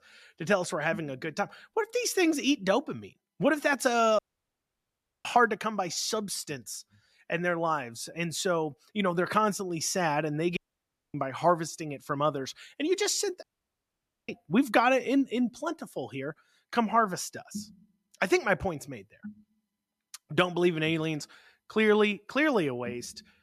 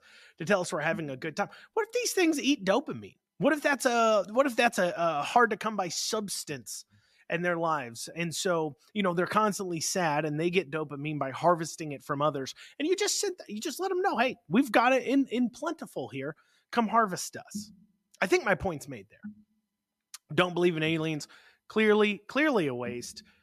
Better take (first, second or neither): second